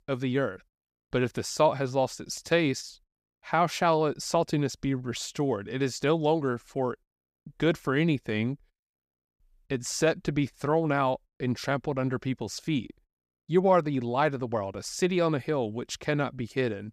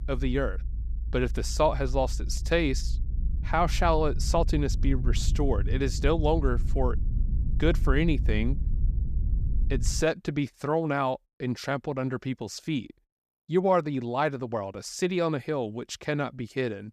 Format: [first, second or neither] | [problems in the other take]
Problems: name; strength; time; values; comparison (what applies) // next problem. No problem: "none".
first | low rumble; noticeable; until 10 s; 20 dB below the speech